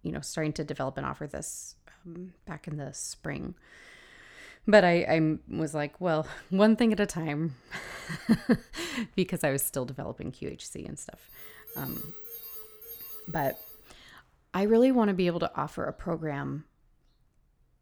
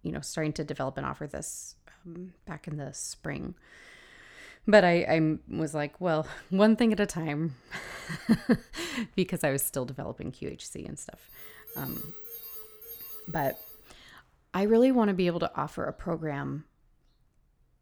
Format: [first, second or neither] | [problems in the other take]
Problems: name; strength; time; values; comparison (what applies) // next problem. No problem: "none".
neither | alarm; noticeable; from 11 to 14 s; peak 8 dB below the speech; the same in both